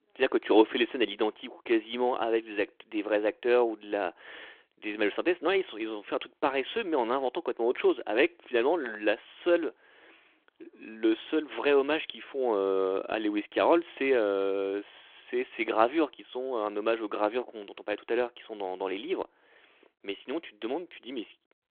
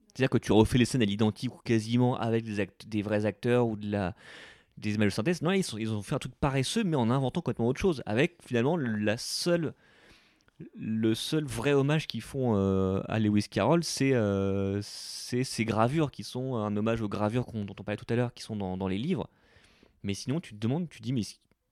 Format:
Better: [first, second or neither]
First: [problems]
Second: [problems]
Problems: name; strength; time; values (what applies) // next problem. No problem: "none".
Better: second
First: phone-call audio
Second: none